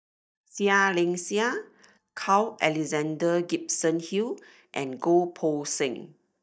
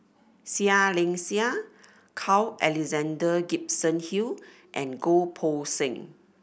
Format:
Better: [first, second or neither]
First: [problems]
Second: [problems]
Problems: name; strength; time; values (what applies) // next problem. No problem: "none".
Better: second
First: noise reduction (neural mask model DeepFilterNet 3)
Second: none